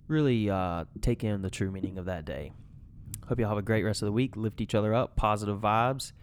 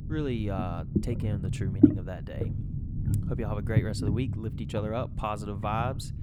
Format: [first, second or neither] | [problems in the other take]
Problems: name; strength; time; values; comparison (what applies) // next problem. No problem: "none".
first | low rumble; loud; throughout; as loud as the speech; faint in the first